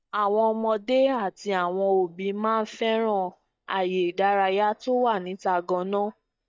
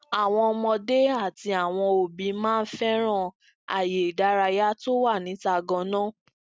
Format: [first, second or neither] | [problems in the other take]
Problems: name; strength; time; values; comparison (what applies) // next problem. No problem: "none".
second | noise reduction (neural mask model DeepFilterNet 3)